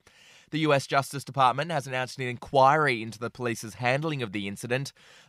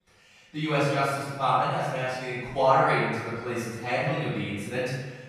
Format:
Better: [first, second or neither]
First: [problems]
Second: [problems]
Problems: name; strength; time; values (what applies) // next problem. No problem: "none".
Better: first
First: none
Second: off-mic speech; far // room echo; strong; dies away in 1.2 s